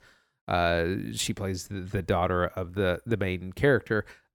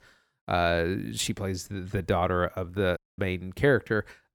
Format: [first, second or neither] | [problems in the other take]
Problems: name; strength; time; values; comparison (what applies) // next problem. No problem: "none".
first | audio cutting out; at 3 s